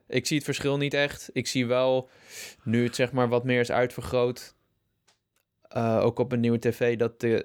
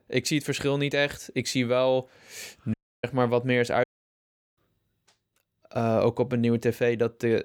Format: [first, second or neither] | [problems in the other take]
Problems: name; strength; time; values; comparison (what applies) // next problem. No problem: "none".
first | audio cutting out; at 2.5 s and at 4 s for 0.5 s